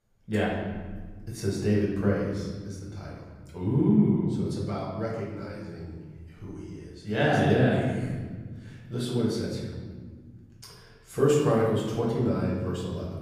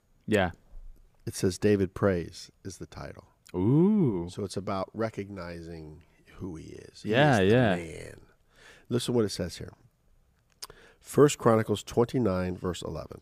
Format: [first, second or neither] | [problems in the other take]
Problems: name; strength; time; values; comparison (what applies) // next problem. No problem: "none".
second | room echo; noticeable; dies away in 1.8 s // off-mic speech; far